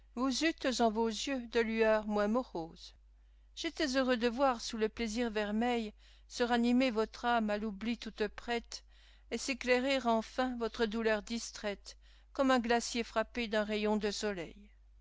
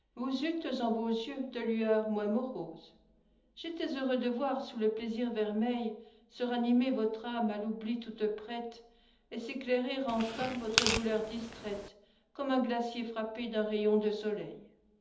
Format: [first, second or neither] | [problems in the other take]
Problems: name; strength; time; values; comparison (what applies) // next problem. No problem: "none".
first | background sound (Tearing); 2 dB below the speech // room echo; dies away in 1.2 s